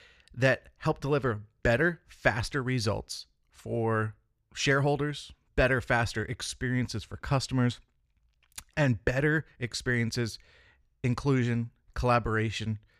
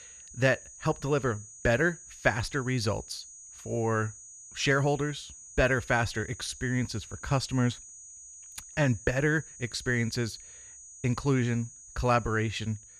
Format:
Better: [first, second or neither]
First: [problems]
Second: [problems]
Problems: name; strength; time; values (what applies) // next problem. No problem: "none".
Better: first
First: none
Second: high-pitched whine; noticeable; throughout; 6.5 kHz, 15 dB below the speech